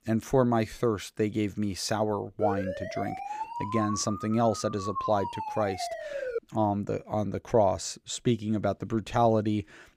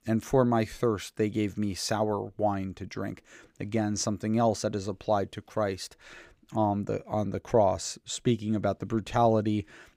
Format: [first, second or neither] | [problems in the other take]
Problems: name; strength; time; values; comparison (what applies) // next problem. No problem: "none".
second | siren; noticeable; from 2.5 to 6.5 s; peak 5 dB below the speech